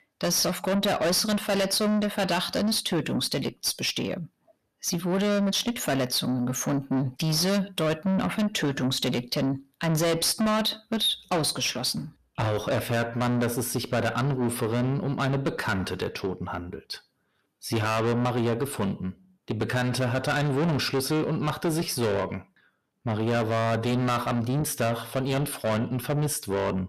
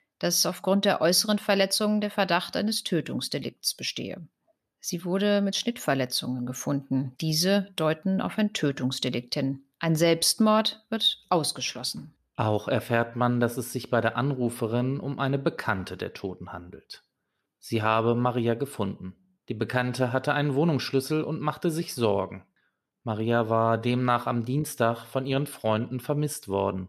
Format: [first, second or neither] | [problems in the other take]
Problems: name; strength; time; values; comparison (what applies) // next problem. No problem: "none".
second | distortion; heavy; 6 dB below the speech